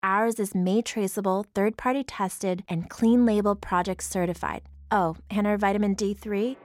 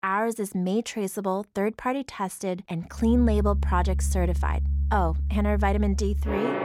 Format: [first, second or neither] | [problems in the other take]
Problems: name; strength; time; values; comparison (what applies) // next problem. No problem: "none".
first | background music; loud; from 3 s on; as loud as the speech; faint in the first